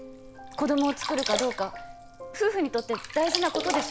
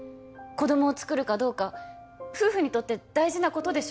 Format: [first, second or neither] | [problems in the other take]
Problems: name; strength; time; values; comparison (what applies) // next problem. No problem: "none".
second | background sound (Sink (filling or washing)); 6 dB below the speech